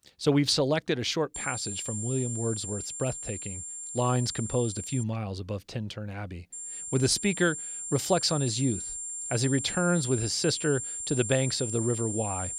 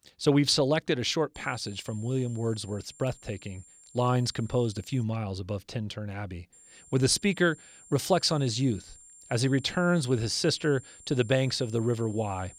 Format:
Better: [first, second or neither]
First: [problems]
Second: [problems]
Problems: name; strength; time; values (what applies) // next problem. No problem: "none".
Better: second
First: high-pitched whine; loud; from 1.5 to 5 s and from 6.5 s on; 7.5 kHz, 5 dB below the speech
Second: high-pitched whine; faint; from 1.5 to 5 s and from 6.5 s on; 7.5 kHz, 20 dB below the speech